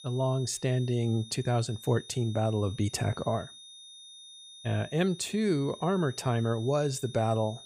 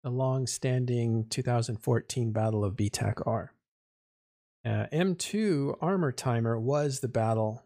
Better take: second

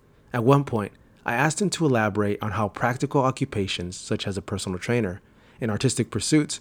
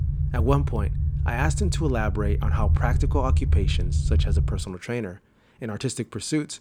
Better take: first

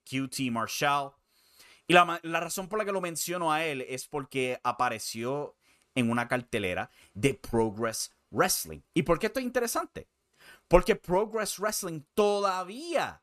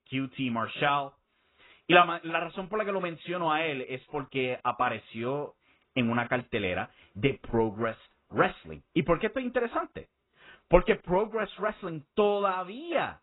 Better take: first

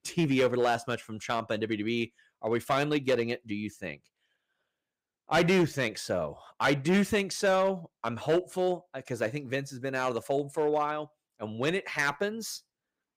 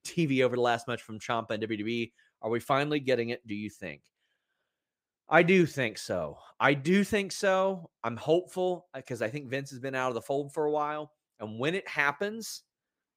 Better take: second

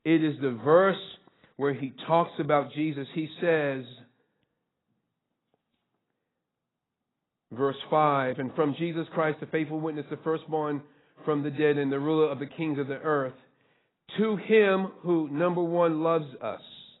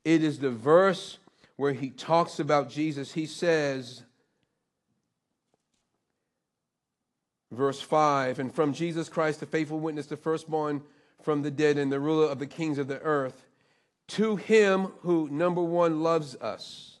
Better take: second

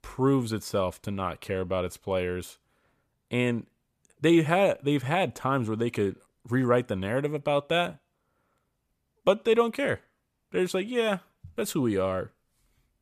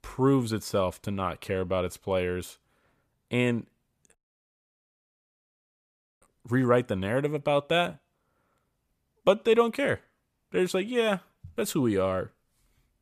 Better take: first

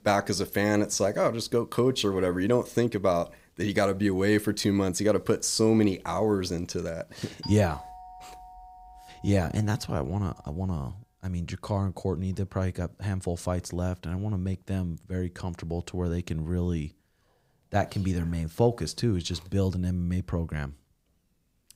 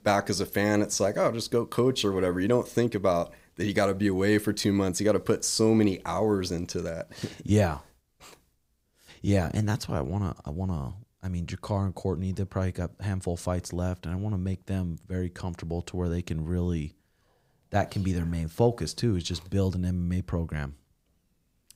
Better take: second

